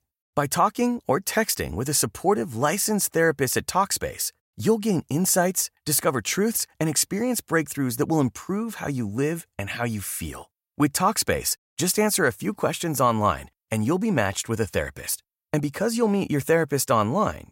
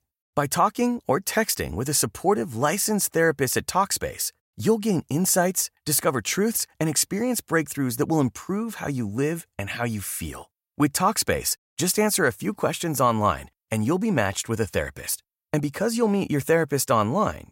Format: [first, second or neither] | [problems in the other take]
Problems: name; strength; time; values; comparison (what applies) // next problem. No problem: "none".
neither | none